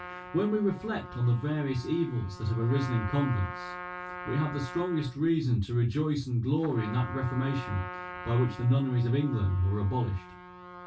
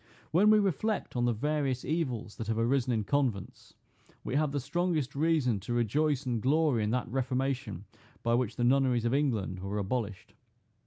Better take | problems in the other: second | background sound (Trumpet); 13 dB below the speech // room echo; dies away in 0.1 s

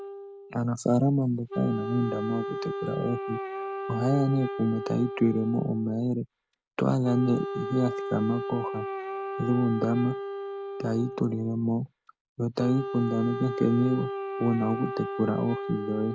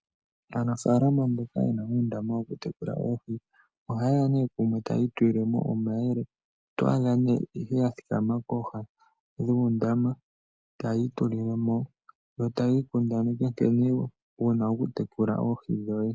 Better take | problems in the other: second | background sound (Wind instrument, woodwind instrument); 7 dB below the speech

